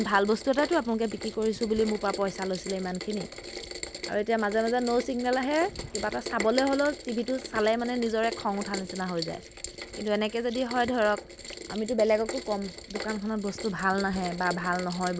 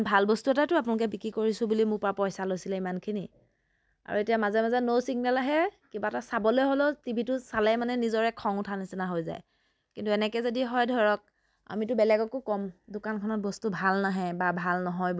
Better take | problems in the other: second | background sound (Rain); 11 dB below the speech

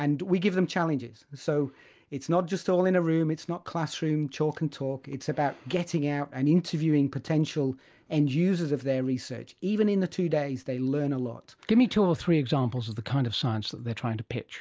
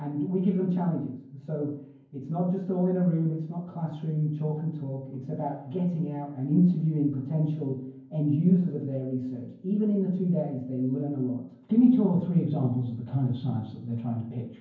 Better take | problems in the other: first | room echo; dies away in 0.9 s

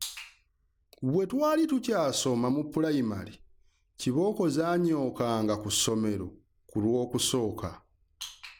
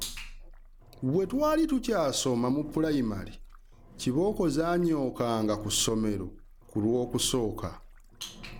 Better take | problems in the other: first | background sound (Engine); 16 dB below the speech

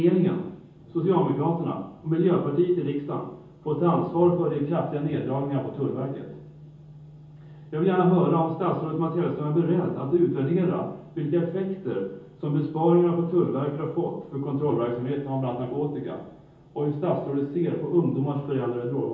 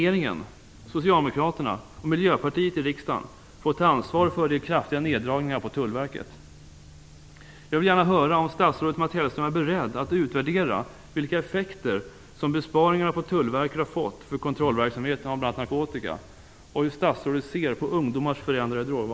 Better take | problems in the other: second | room echo; dies away in 0.7 s

